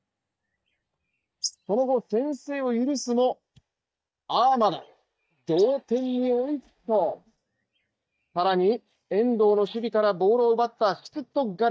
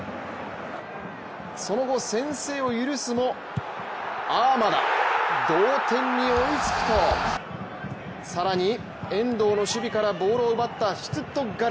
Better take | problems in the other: second | noise reduction (neural mask model DeepFilterNet 3)

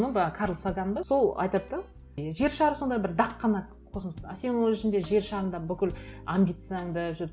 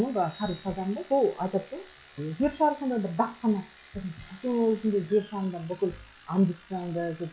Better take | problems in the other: first | noise reduction (classical method log-MMSE)

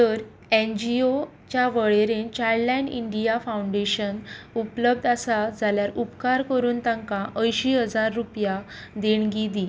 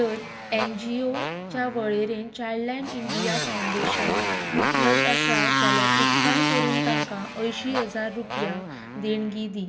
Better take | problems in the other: first | background sound (Motorcycle); 3 dB above the speech // room echo; dies away in 1.9 s

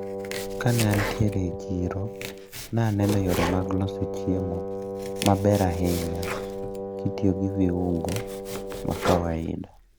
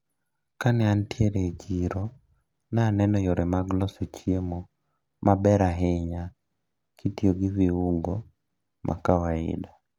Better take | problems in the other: second | background sound (Domestic sounds, home sounds + Wind instrument, woodwind instrument); 5 dB below the speech

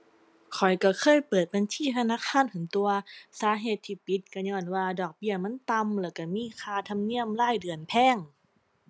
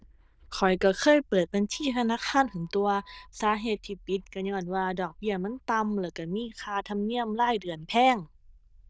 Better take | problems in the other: first | noise reduction (neural diffusion model UNIVERSE++)

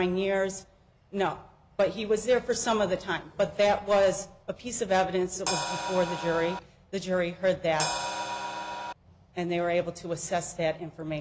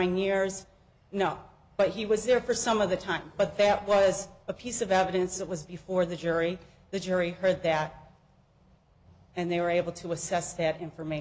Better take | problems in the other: second | background sound (Crash cymbal); 4 dB below the speech

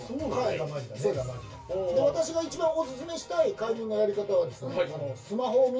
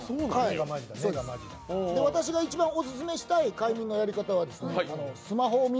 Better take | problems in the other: second | room echo; dies away in 0.2 s

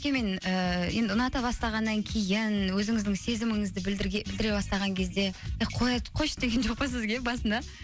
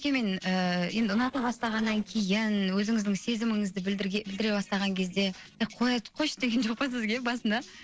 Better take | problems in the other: first | noise reduction (neural separator model SepFormer DNS4)

